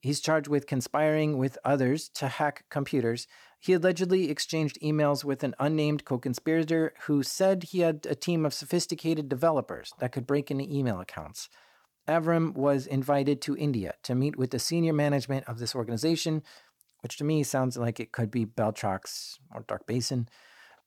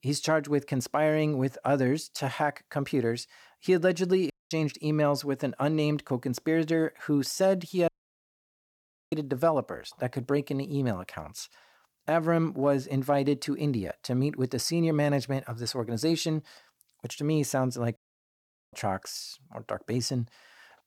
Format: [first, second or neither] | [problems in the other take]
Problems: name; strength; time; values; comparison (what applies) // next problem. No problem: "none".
first | audio cutting out; at 4.5 s, at 8 s for 1 s and at 18 s for 1 s